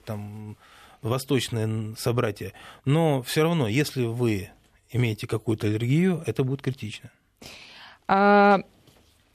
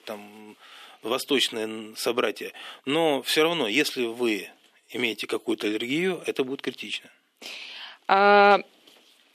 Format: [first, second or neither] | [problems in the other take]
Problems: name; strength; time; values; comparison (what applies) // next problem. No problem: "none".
first | thin; somewhat; fading below 250 Hz